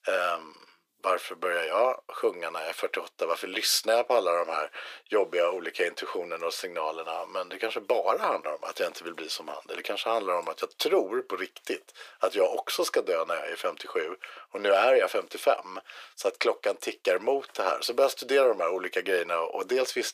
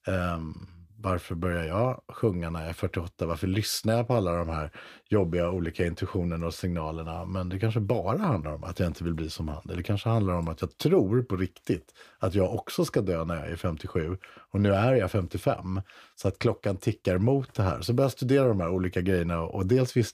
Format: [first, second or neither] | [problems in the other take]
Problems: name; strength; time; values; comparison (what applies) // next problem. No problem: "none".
second | thin; very; fading below 450 Hz